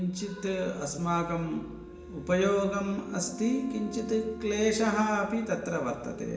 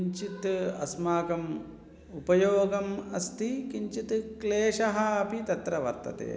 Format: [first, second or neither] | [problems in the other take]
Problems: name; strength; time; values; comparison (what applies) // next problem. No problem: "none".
second | background sound (Wind instrument, woodwind instrument); 18 dB below the speech // room echo; dies away in 0.8 s